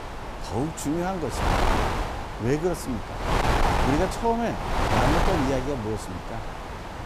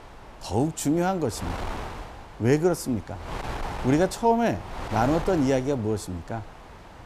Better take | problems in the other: second | wind noise on the microphone; heavy; 2 dB above the speech; occasional gusts in the second

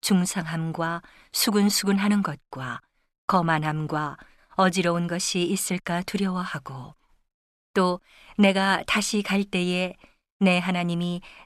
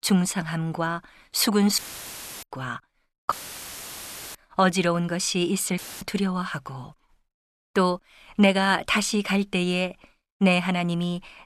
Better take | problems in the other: first | audio cutting out; filled with static; at 2 s for 0.5 s, at 3.5 s for 1 s and at 6 s

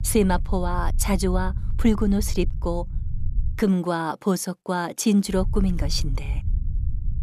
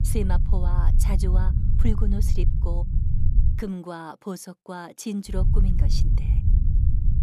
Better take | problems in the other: first | low rumble; loud; until 3.5 s and from 5.5 s on; 5 dB below the speech; faint in the first

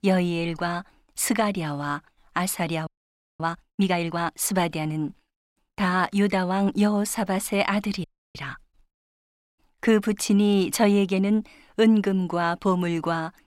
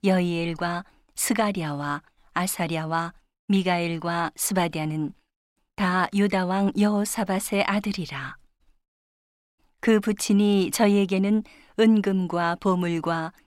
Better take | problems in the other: second | audio freezing; at 3 s for 0.5 s and at 8 s

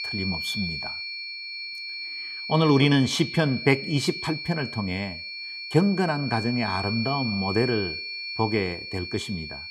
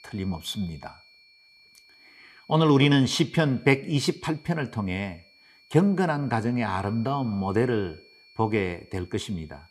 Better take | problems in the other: second | high-pitched whine; loud; throughout; 2.5 kHz, 6 dB below the speech; faint in the second

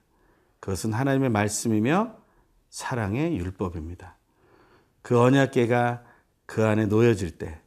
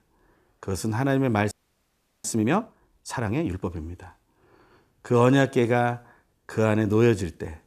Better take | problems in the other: first | audio freezing; at 1.5 s for 0.5 s

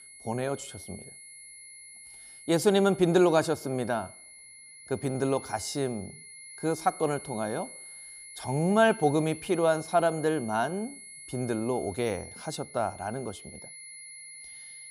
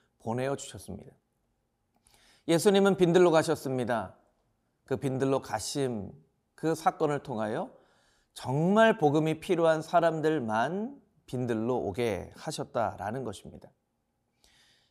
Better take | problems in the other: second | high-pitched whine; noticeable; throughout; 10.5 kHz, 15 dB below the speech

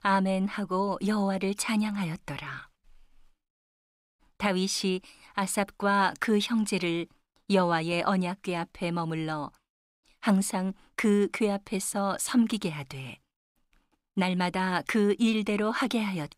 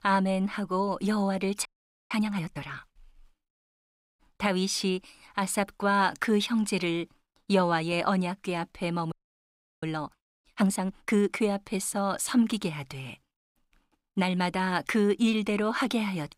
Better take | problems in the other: first | audio freezing; at 1.5 s and at 9 s for 0.5 s

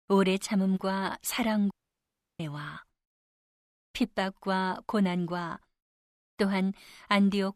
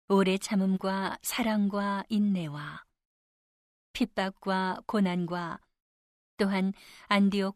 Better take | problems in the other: second | audio cutting out; at 1.5 s for 0.5 s

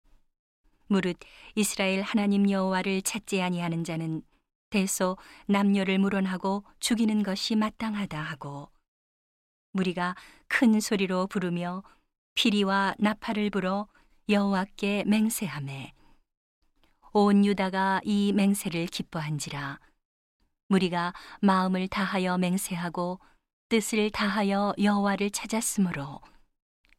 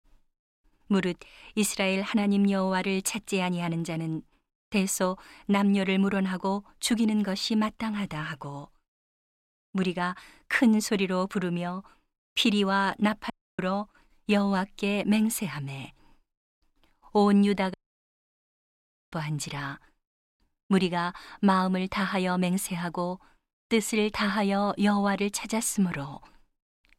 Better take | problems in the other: first | audio cutting out; at 13 s and at 18 s for 1.5 s

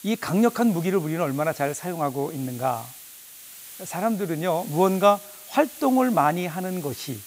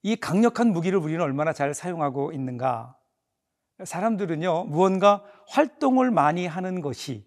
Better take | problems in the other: second | hiss; noticeable; throughout; 15 dB below the speech

